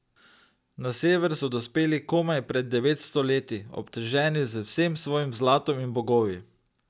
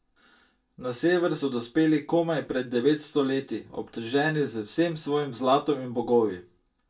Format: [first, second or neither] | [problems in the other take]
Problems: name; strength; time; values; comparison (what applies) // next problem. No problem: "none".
first | room echo; dies away in 0.2 s